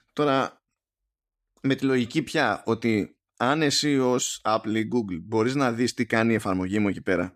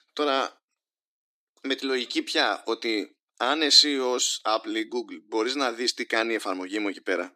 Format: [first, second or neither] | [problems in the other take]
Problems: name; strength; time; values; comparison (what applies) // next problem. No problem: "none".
first | thin; somewhat; fading below 300 Hz